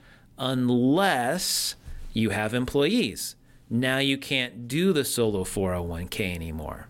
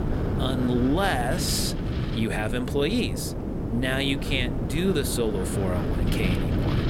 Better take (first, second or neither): first